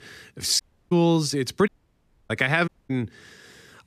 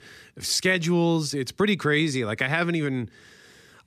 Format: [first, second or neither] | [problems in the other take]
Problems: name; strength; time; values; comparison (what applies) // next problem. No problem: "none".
second | audio cutting out; at 0.5 s, at 1.5 s for 0.5 s and at 2.5 s